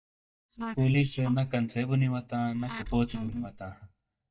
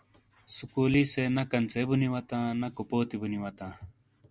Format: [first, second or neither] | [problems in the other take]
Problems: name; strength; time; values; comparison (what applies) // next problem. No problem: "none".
second | noise reduction (neural mask model DeepFilterNet 3)